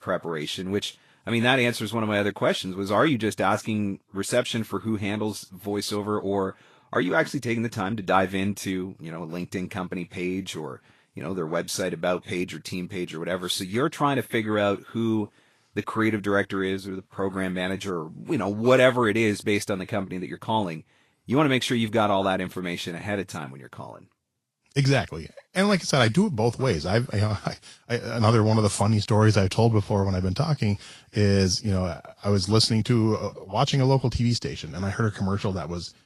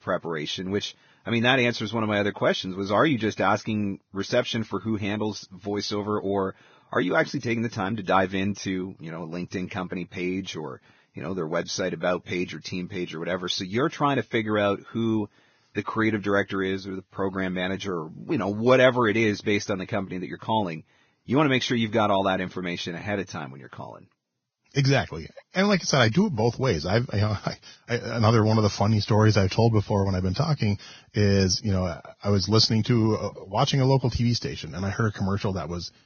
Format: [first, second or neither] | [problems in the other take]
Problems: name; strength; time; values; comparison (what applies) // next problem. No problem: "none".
first | garbled, watery; badly; nothing above 6.5 kHz; slightly in the first